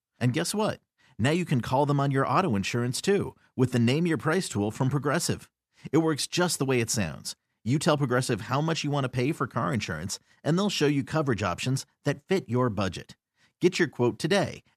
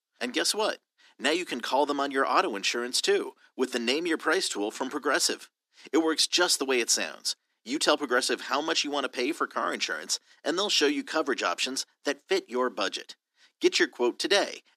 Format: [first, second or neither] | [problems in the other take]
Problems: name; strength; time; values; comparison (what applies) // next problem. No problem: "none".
first | thin; somewhat; fading below 300 Hz